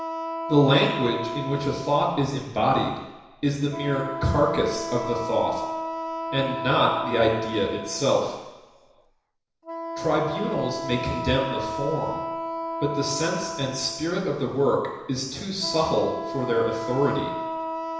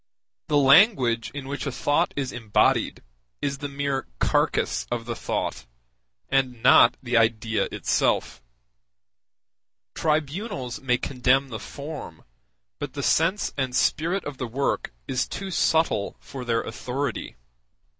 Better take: second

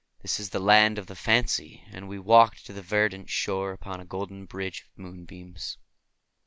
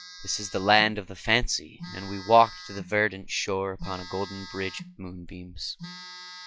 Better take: first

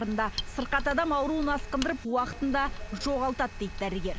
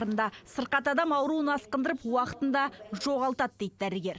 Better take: second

